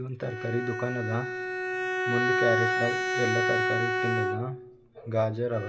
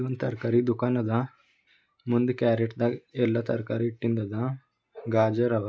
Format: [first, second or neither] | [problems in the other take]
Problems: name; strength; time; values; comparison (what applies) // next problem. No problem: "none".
second | background sound (Bowed string instrument); 2 dB above the speech // room echo; dies away in 0.9 s